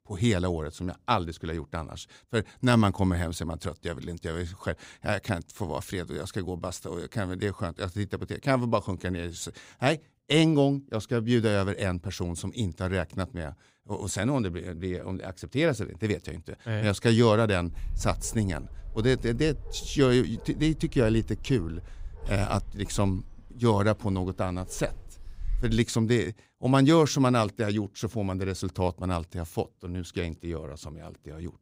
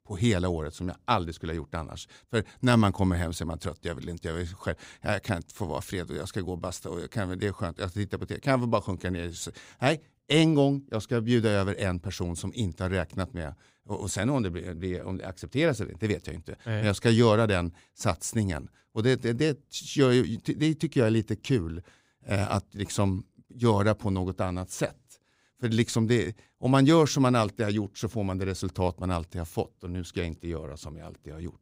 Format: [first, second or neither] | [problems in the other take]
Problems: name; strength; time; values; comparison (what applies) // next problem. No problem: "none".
second | dog barking; noticeable; from 18 to 26 s; peak 8 dB below the speech